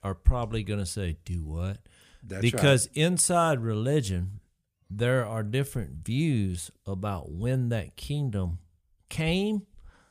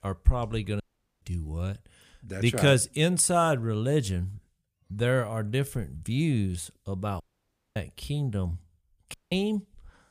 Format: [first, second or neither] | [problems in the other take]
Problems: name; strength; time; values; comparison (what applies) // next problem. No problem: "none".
first | audio cutting out; at 1 s, at 7 s for 0.5 s and at 9 s